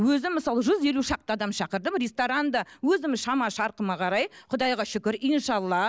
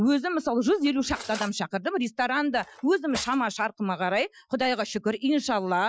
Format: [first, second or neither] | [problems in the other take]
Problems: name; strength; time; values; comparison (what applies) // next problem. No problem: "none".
first | noise reduction (classical method Wiener filter)